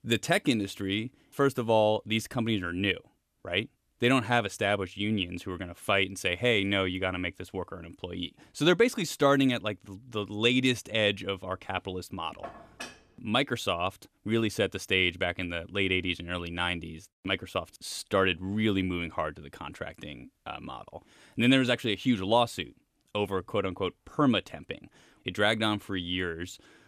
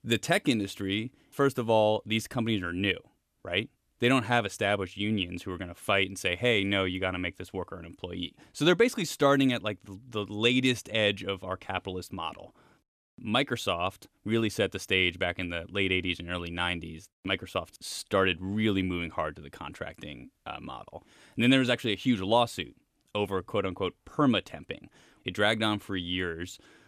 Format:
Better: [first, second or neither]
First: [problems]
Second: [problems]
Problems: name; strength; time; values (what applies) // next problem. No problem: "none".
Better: second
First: clattering dishes; faint; at 12 s; peak 15 dB below the speech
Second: none